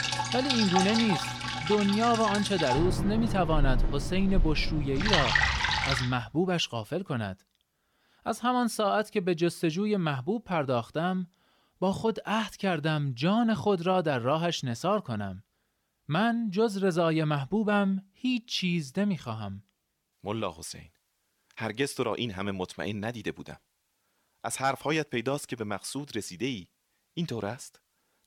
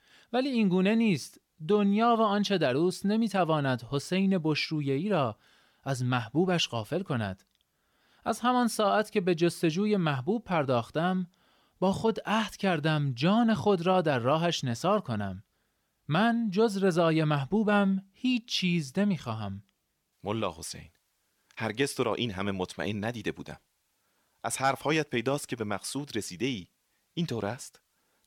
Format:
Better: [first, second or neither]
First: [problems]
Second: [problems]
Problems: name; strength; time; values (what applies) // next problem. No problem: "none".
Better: second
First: rain or running water; loud; until 6 s; as loud as the speech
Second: none